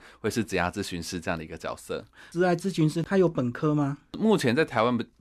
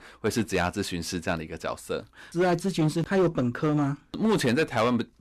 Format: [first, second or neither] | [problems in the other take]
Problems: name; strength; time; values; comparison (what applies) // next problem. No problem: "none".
first | distortion; slight; 7% of the sound clipped